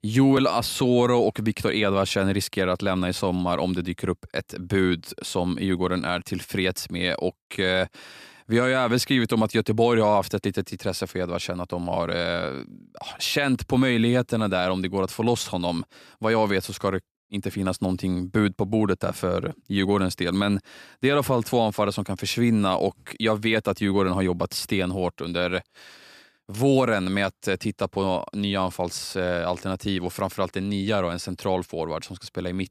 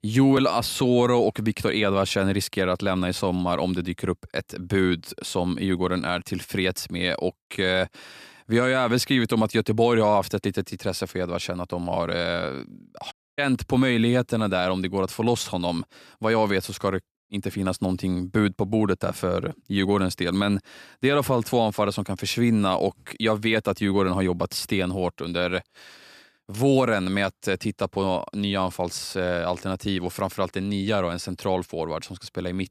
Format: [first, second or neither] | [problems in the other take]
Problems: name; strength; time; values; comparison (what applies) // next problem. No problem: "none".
first | audio cutting out; at 13 s